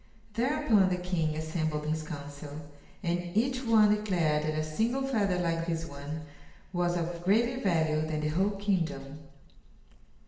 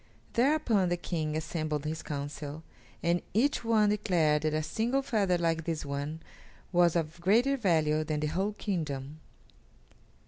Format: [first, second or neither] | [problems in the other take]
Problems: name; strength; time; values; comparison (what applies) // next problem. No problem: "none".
second | room echo; dies away in 1 s